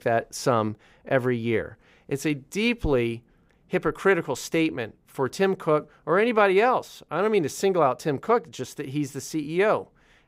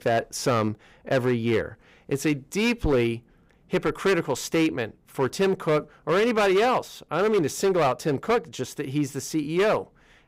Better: first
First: none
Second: distortion; slight; 8% of the sound clipped

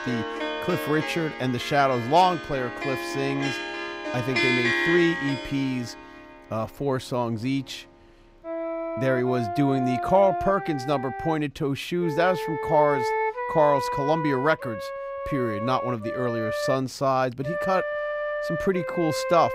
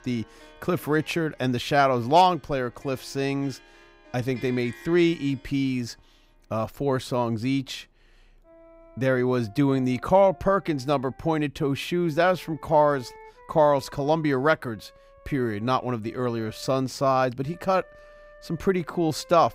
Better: second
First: background music; loud; throughout; 4 dB below the speech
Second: background music; faint; throughout; 25 dB below the speech

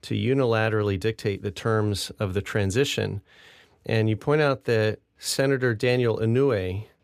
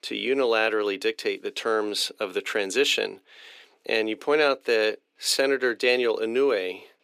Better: first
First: none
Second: thin; somewhat; fading below 300 Hz

